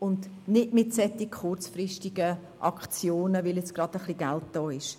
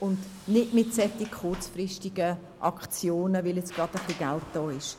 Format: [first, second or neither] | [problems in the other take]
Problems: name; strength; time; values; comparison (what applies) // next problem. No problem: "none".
first | background sound (Sliding door); 17 dB below the speech